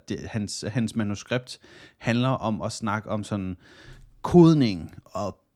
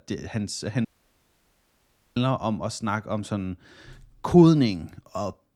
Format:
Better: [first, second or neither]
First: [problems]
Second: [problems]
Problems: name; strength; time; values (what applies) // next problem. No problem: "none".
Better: first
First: none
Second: audio cutting out; at 1 s for 1.5 s